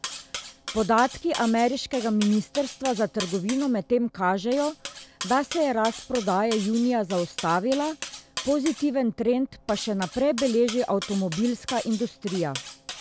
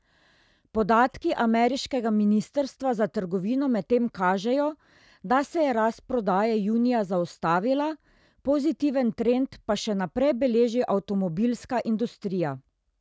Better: second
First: background sound (Cutlery, silverware); 13 dB below the speech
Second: none

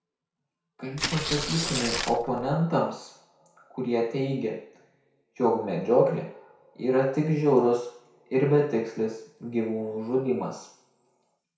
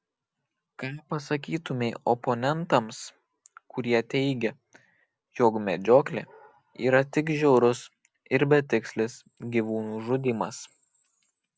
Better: second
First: background sound (Tearing); 4 dB below the speech // room echo; dies away in 0.6 s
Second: none

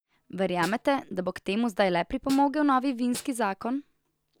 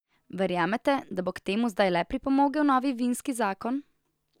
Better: second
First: background sound (Snare drum); 19 dB below the speech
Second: none

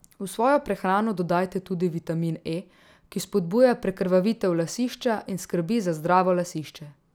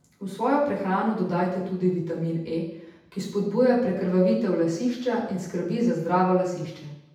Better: first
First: none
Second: room echo; dies away in 0.8 s

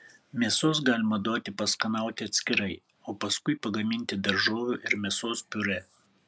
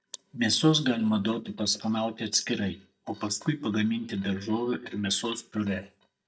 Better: first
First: none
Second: noise reduction (neural mask model DeepFilterNet 3)

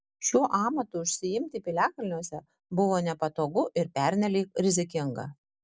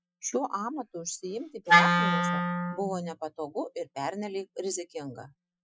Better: first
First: none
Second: noise reduction (classical method Wiener filter)

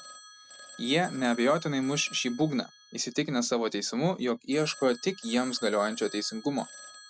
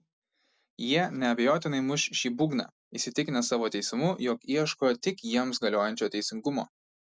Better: second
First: background sound (Telephone); 18 dB below the speech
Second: none

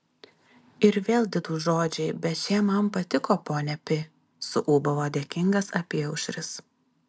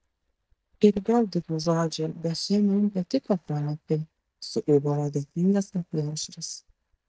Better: first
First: none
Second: noise reduction (neural mask model DeepFilterNet 3)

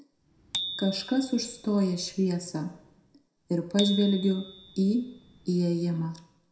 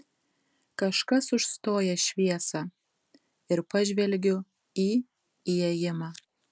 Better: second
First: background sound (Bicycle bell); 13 dB below the speech // room echo; dies away in 0.6 s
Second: none

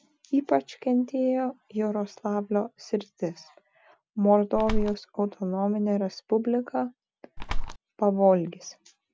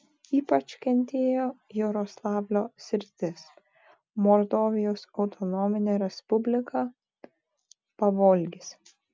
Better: second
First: background sound (Bird); 2 dB above the speech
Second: none

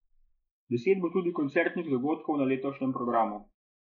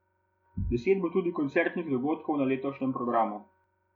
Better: second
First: noise reduction (neural mask model Resemble Enhance denoiser)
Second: none

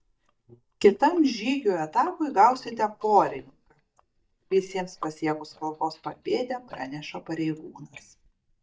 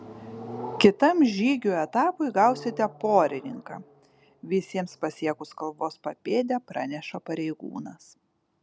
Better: second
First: noise reduction (neural mask model DeepFilterNet 3)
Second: none

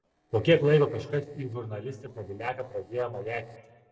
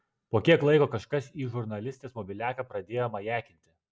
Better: second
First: noise reduction (neural separator model SepFormer DNS4)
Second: none

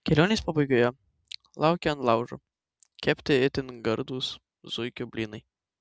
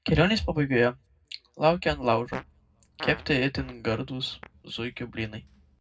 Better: first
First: none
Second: background sound (Fart); 17 dB below the speech // room echo; dies away in 0.3 s

